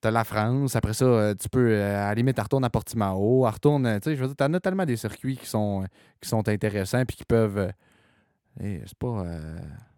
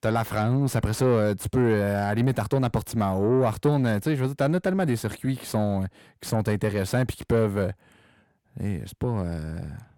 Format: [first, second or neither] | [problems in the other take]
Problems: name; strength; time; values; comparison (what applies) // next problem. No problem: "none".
first | distortion; slight; 10 dB below the speech